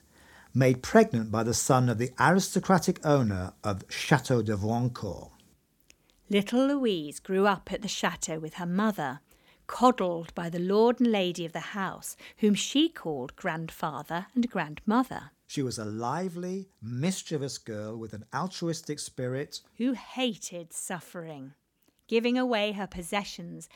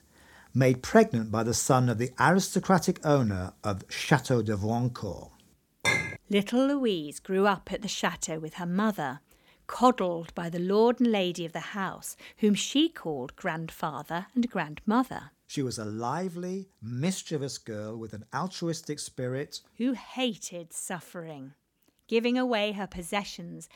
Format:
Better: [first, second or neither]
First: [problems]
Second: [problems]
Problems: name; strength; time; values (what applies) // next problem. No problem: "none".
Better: first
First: none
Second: clattering dishes; loud; at 6 s; peak 2 dB above the speech